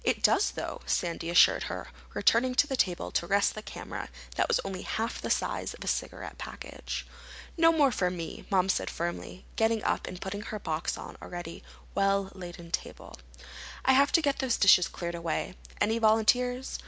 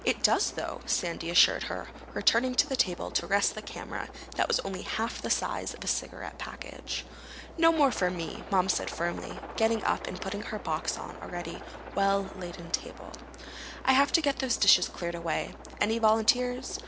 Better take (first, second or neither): first